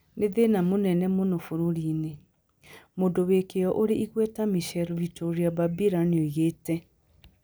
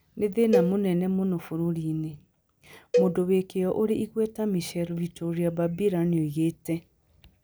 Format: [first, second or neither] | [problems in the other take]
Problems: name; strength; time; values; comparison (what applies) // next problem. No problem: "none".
first | background sound (Cowbell); 4 dB below the speech